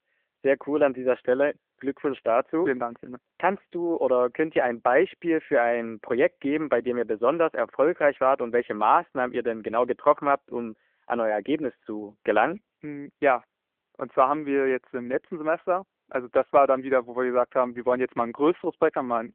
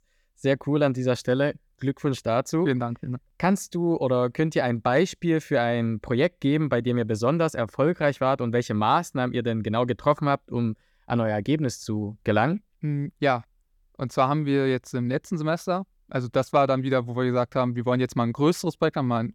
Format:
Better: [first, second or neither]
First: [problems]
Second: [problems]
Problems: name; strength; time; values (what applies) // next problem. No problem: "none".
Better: second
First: phone-call audio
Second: none